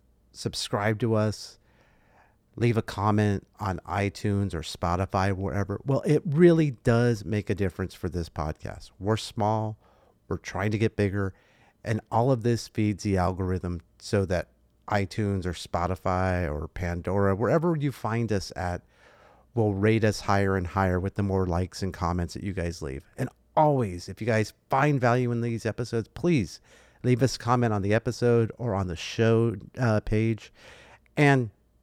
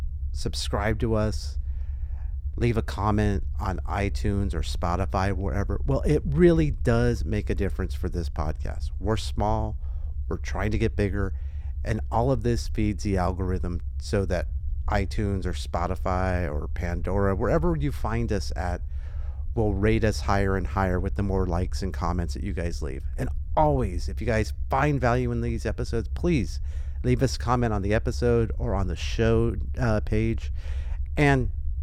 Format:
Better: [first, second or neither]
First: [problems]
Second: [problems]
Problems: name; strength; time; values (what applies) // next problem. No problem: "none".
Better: first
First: none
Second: low rumble; faint; throughout; 25 dB below the speech